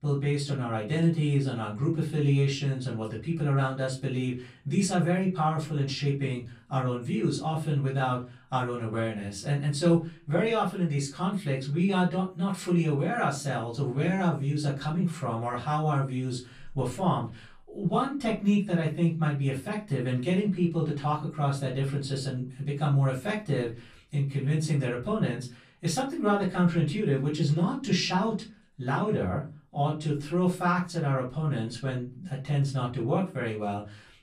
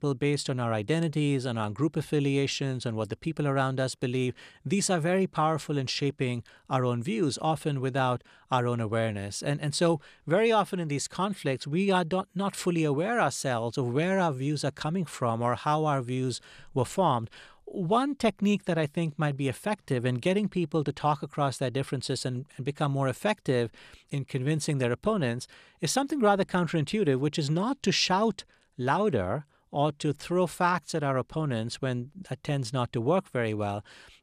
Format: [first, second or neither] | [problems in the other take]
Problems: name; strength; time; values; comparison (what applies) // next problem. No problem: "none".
second | off-mic speech; far // room echo; slight; dies away in 0.3 s